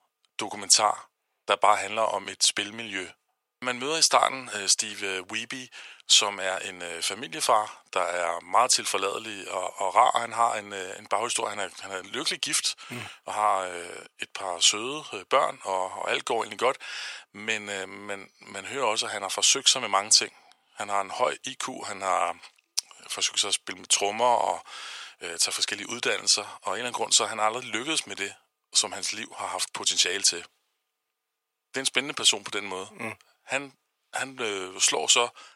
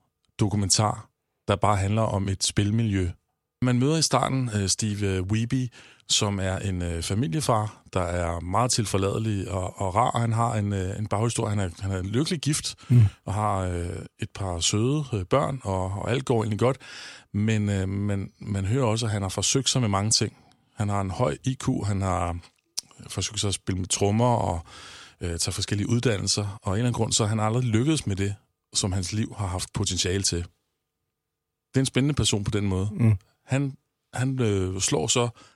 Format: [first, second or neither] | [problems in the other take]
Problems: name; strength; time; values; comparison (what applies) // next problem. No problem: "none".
second | thin; very; fading below 750 Hz